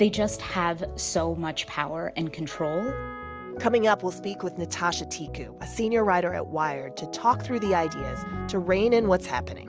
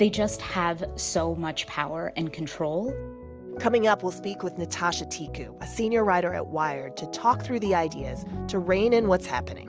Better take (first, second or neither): second